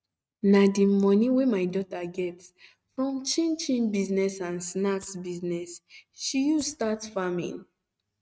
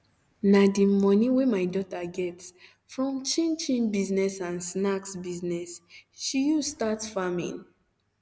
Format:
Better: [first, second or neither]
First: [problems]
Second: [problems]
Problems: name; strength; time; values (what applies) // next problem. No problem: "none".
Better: second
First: noise reduction (neural mask model RNNoise)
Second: none